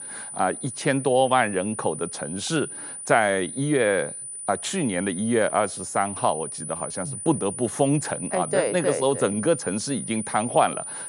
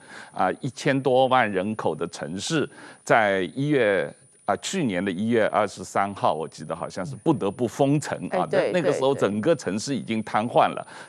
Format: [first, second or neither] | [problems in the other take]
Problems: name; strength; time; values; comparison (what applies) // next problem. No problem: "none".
second | high-pitched whine; loud; throughout; 9.5 kHz, 8 dB below the speech; faint in the second